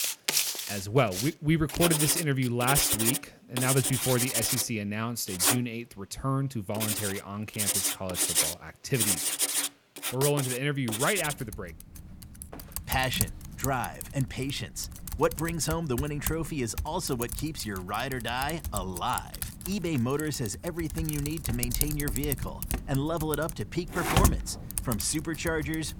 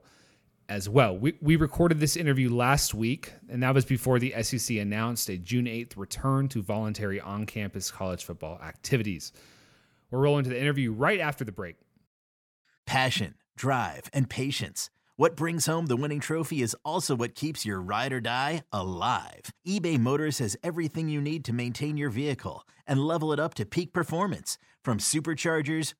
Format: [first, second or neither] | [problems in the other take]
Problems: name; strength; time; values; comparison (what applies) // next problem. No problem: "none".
second | household noises; very loud; throughout; 1 dB above the speech